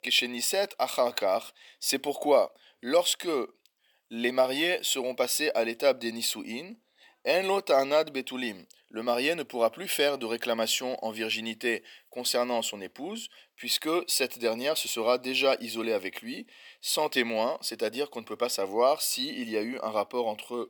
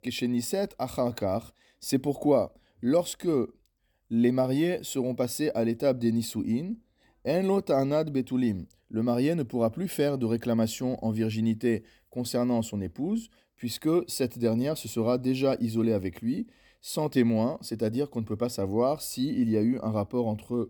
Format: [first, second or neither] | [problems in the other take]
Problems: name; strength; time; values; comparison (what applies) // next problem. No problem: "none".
second | thin; somewhat; fading below 650 Hz